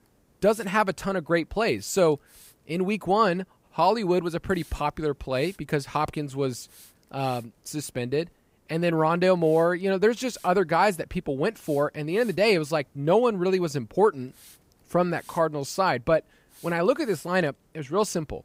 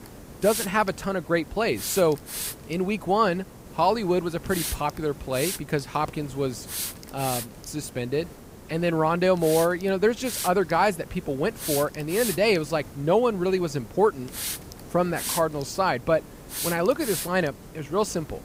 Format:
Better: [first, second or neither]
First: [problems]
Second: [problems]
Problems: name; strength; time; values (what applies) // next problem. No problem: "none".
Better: first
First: hiss; faint; throughout; 30 dB below the speech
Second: hiss; loud; throughout; 9 dB below the speech